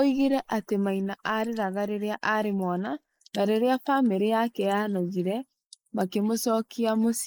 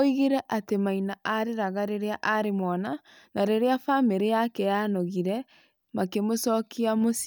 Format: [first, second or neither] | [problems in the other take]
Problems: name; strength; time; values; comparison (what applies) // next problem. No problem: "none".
second | noise reduction (neural mask model Resemble Enhance denoiser)